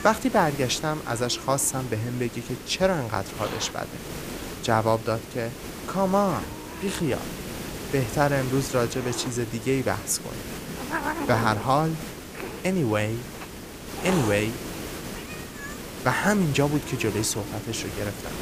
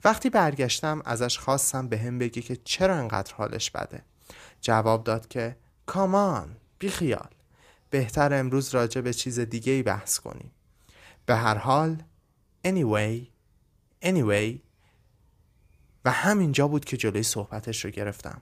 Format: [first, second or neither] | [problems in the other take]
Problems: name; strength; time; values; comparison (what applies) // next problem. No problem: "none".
second | hiss; loud; throughout; 9 dB below the speech